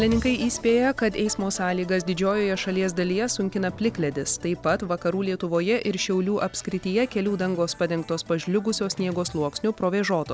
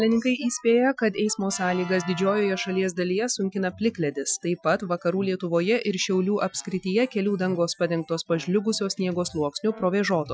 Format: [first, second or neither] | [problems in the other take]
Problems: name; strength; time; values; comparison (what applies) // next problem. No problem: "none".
first | noise reduction (classical method Wiener filter)